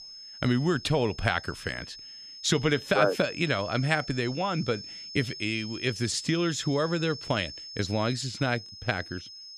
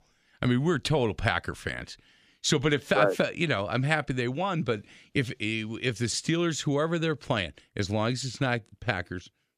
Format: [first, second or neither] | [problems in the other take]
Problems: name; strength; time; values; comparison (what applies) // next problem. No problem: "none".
second | high-pitched whine; noticeable; throughout; 5 kHz, 10 dB below the speech